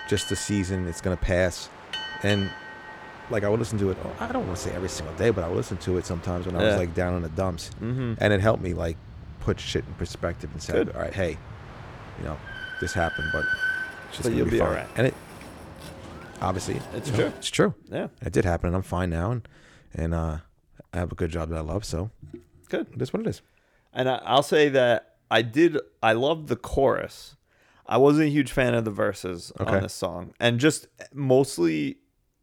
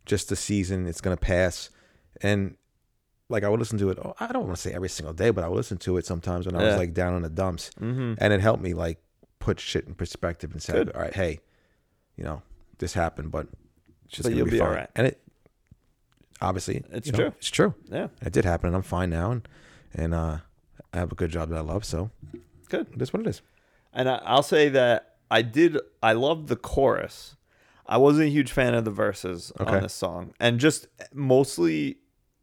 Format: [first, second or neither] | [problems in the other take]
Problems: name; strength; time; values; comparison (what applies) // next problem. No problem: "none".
second | train or aircraft noise; noticeable; until 17 s; 10 dB below the speech